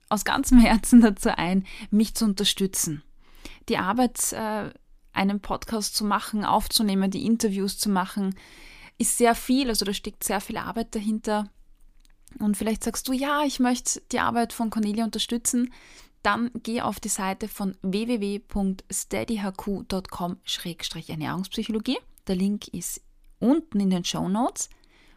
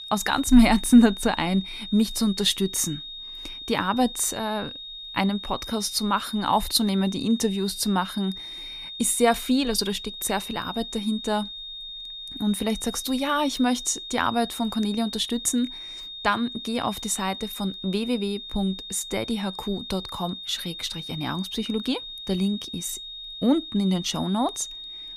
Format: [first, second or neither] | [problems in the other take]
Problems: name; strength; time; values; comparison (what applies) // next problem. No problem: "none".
first | high-pitched whine; noticeable; throughout; 3.5 kHz, 10 dB below the speech